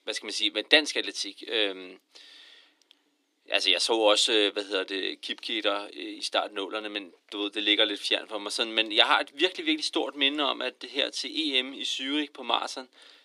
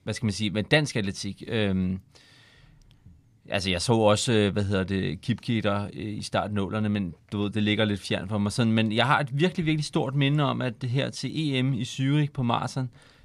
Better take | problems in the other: second | thin; very; fading below 300 Hz

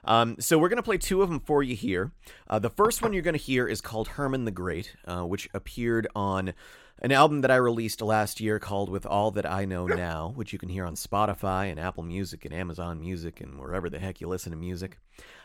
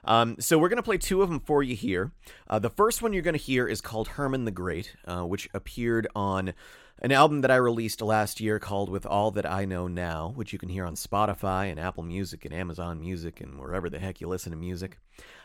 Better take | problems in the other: second | clattering dishes; noticeable; at 3 s; peak 7 dB below the speech // dog barking; noticeable; at 10 s; peak 4 dB below the speech

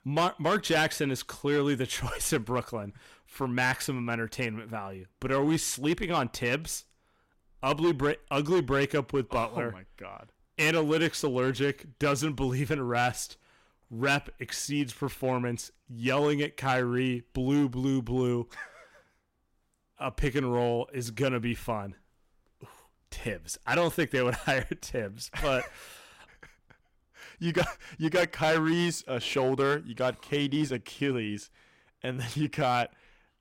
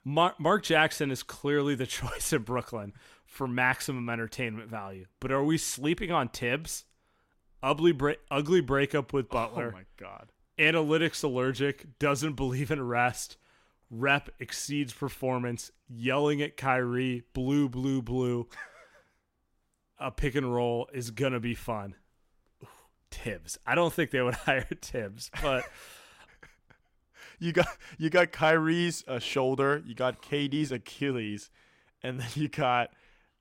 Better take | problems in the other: second | distortion; slight; 4% of the sound clipped

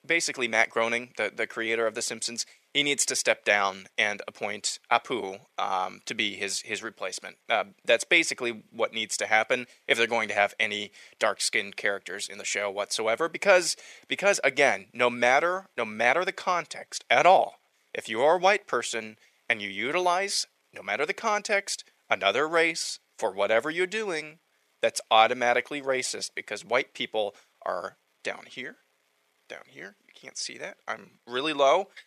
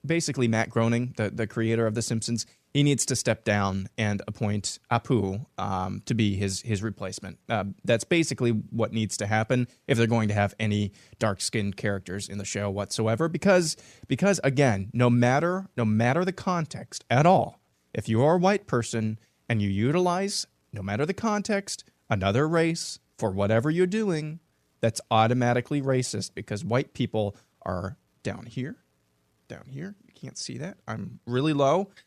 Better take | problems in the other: second | thin; very; fading below 600 Hz

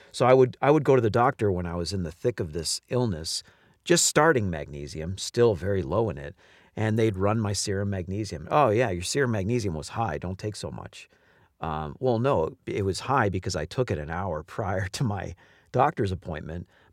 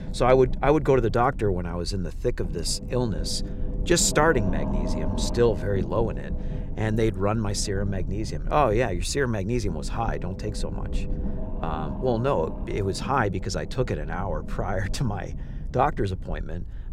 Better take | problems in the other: first | low rumble; noticeable; throughout; 15 dB below the speech

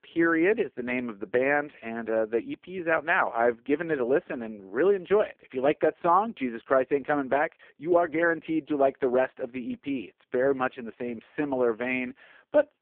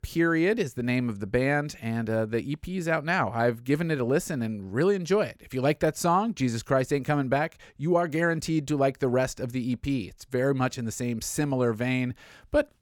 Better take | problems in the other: second | phone-call audio; poor line

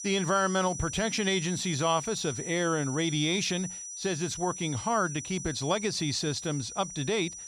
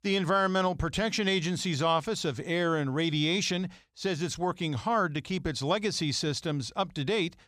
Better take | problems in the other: second | high-pitched whine; loud; throughout; 6 kHz, 8 dB below the speech

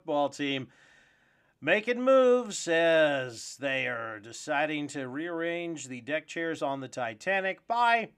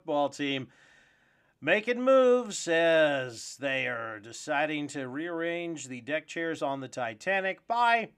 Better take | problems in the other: neither | none

